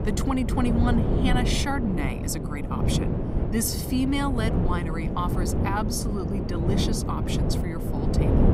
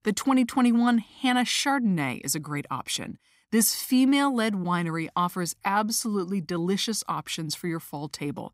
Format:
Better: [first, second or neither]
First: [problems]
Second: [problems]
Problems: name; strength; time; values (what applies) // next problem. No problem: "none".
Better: second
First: wind noise on the microphone; heavy; 3 dB below the speech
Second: none